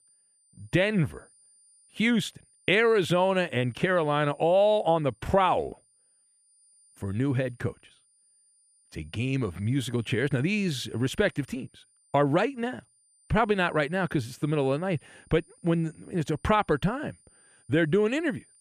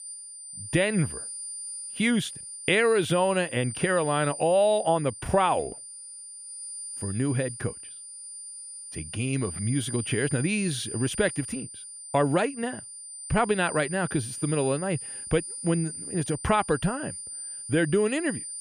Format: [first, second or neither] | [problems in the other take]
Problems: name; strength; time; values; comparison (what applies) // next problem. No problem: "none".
first | high-pitched whine; loud; throughout; 9 kHz, 9 dB below the speech; faint in the first